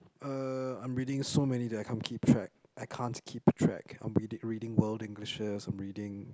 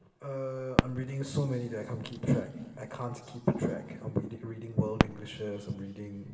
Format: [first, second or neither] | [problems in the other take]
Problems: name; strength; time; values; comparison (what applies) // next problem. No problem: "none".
first | background sound (Fireworks); 3 dB below the speech // room echo; dies away in 2.3 s